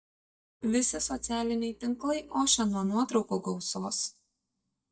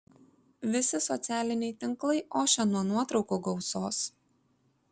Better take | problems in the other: second | noise reduction (neural mask model DeepFilterNet 3)

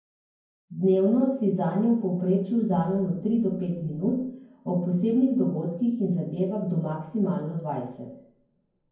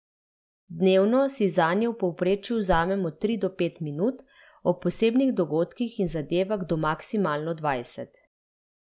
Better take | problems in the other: second | room echo; dies away in 0.9 s

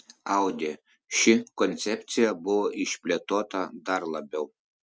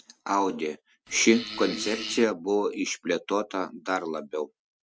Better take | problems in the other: first | background sound (Fart); 9 dB below the speech

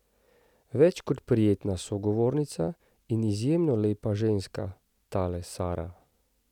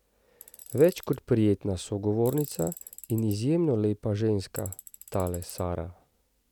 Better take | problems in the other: first | background sound (Tools); 20 dB below the speech

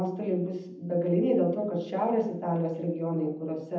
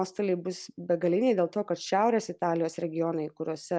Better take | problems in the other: second | room echo; dies away in 0.8 s

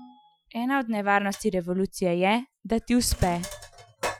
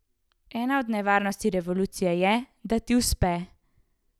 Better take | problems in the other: second | noise reduction (classical method Wiener filter)

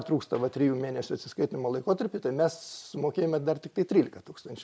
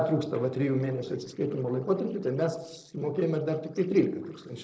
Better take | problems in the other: first | noise reduction (neural separator model SepFormer DNS4)

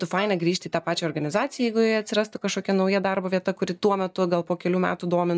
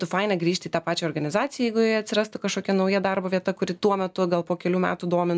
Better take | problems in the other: second | noise reduction (neural mask model DeepFilterNet 3)

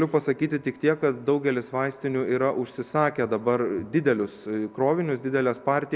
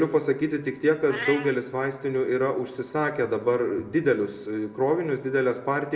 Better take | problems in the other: first | background sound (Meow); 17 dB below the speech // room echo; dies away in 0.7 s

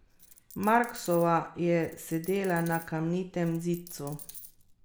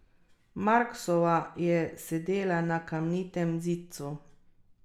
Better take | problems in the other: second | background sound (Coin (dropping)); 20 dB below the speech

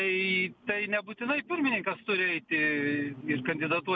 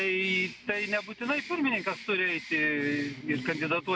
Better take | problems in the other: first | background sound (Bird); 16 dB below the speech

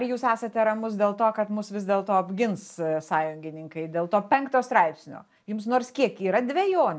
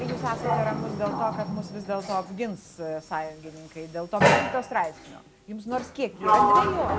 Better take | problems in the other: first | background sound (Sliding door); 3 dB above the speech

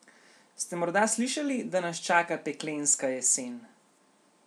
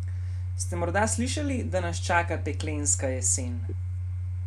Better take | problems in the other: first | background sound (Domestic sounds, home sounds); as loud as the speech

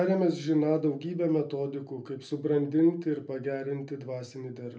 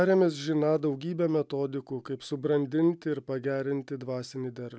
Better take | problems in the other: second | room echo; dies away in 0.3 s

